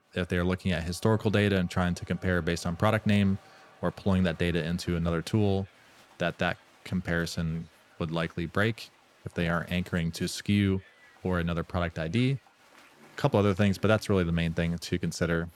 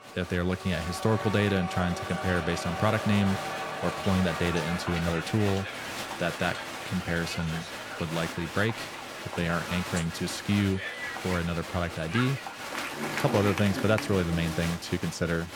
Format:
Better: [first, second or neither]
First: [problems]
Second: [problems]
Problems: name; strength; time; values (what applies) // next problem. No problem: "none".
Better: first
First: crowd noise; faint; throughout; 25 dB below the speech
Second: crowd noise; loud; throughout; 6 dB below the speech